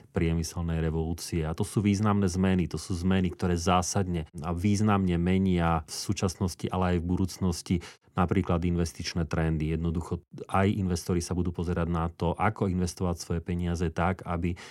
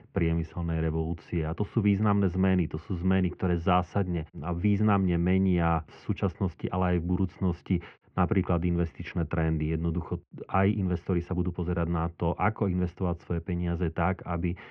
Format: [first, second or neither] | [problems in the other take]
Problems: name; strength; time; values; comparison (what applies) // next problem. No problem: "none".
first | muffled; very; fading above 2.5 kHz